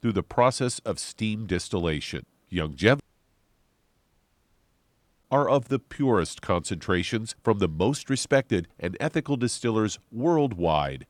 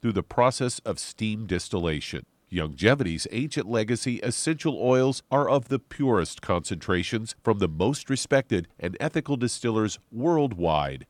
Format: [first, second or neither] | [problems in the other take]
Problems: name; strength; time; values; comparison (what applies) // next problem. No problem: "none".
second | audio cutting out; at 3 s for 2 s